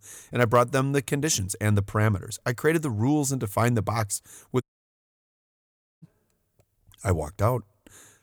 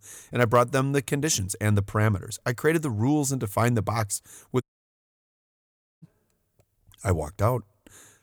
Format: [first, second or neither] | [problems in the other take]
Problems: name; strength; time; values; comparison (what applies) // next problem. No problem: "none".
neither | audio cutting out; at 4.5 s for 1.5 s; the same in both